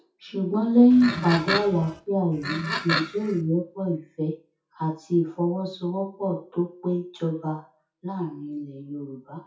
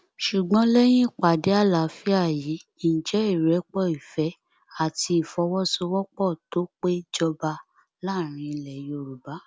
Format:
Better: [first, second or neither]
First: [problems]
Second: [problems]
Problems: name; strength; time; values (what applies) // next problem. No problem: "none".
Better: second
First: noise reduction (classical method WPE with log-MMSE)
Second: none